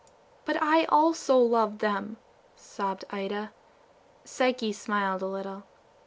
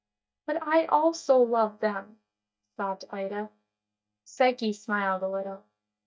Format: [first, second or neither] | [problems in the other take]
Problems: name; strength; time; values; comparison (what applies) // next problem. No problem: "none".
first | noise reduction (neural mask model DeepFilterNet 3)